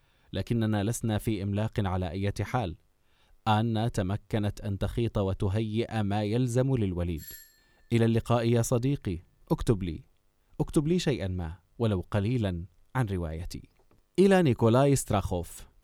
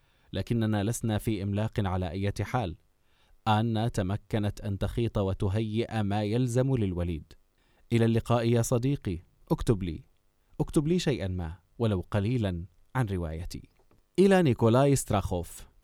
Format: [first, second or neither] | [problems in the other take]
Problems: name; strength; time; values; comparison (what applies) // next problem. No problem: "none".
second | doorbell; faint; at 7 s; peak 15 dB below the speech